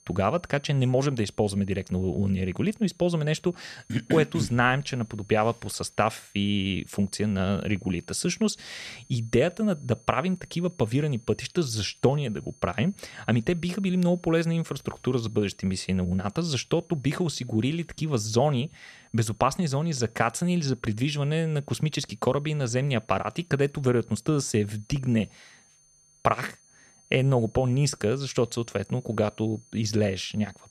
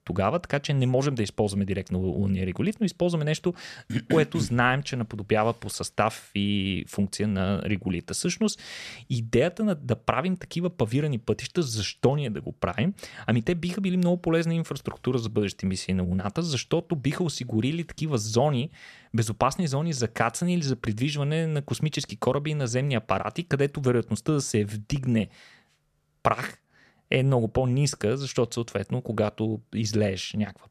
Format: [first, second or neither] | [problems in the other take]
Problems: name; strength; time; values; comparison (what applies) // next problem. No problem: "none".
second | high-pitched whine; faint; throughout; 6.5 kHz, 30 dB below the speech